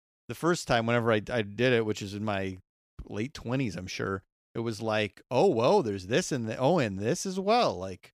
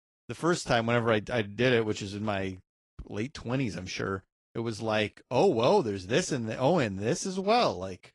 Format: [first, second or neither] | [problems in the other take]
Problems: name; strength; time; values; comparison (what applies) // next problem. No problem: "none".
first | garbled, watery; slightly; nothing above 10.5 kHz